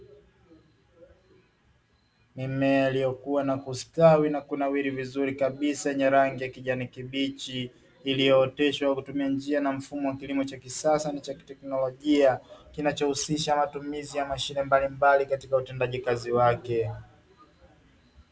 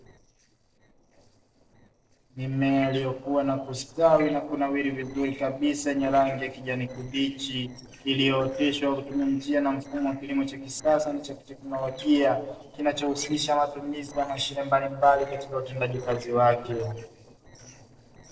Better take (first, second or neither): first